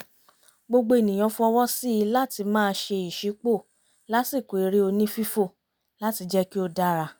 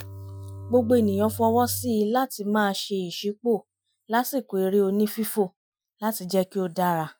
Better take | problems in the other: first | noise reduction (classical method Wiener filter)

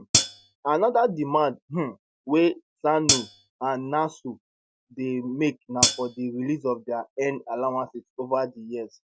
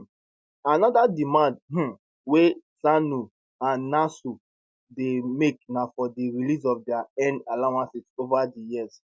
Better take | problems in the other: second | background sound (Hi-hat); 3 dB above the speech

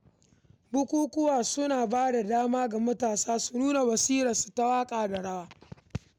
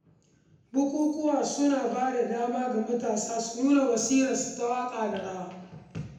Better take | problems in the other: first | room echo; dies away in 0.8 s

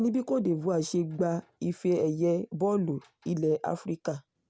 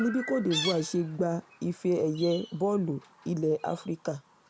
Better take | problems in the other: first | background sound (Chirp, tweet); 12 dB below the speech

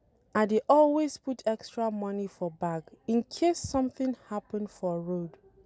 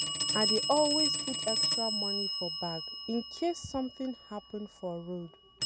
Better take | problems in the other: first | background sound (Telephone); 1 dB above the speech

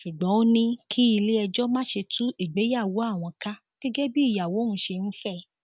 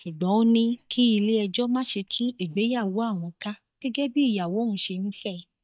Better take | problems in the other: first | noise reduction (neural mask model DeepFilterNet 3)

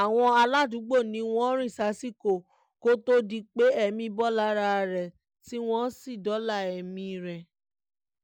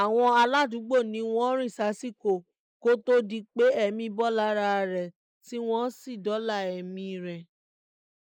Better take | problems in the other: first | noise reduction (neural mask model Resemble Enhance denoiser)

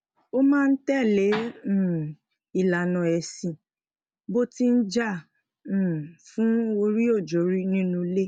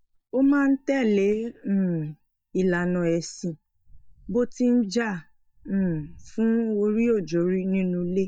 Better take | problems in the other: first | noise reduction (neural mask model DeepFilterNet 3)

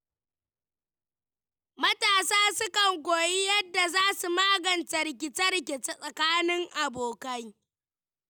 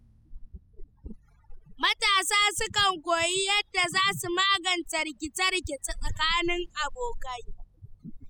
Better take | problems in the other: first | noise reduction (classical method spectral subtraction)

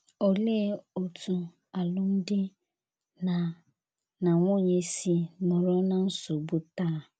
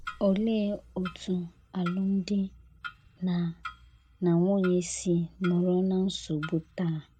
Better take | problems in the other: first | background sound (Clock); 18 dB below the speech

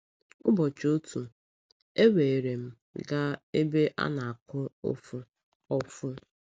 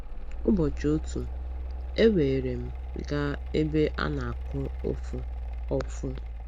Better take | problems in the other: first | background sound (Mechanical fan); 4 dB below the speech

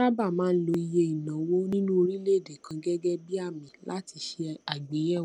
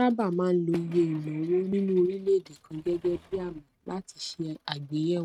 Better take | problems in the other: first | noise reduction (neural mask model RNNoise)

